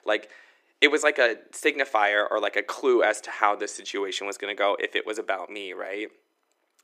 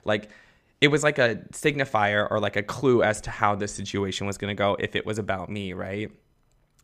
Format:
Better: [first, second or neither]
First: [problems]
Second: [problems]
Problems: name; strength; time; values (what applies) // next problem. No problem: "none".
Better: second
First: thin; somewhat; fading below 300 Hz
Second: none